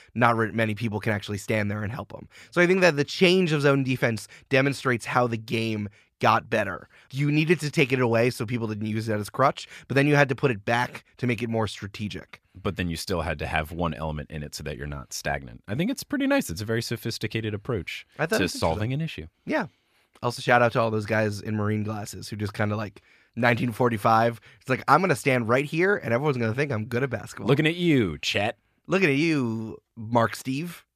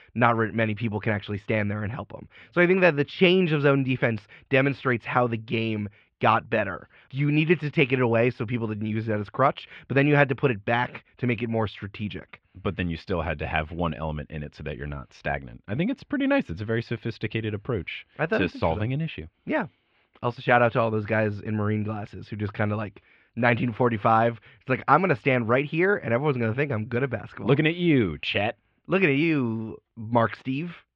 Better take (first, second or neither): first